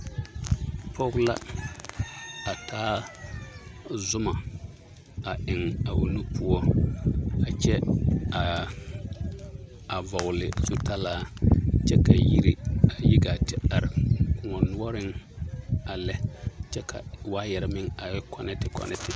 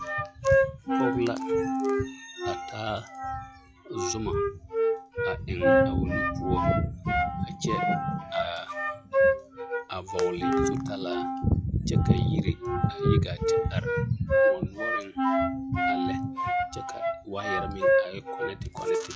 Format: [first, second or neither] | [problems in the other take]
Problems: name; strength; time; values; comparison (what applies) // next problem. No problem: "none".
first | noise reduction (classical method log-MMSE)